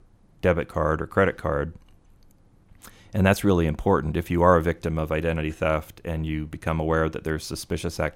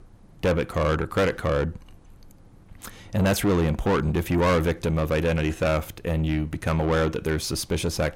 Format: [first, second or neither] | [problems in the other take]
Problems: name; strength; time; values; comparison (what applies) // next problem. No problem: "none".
first | distortion; heavy; 7 dB below the speech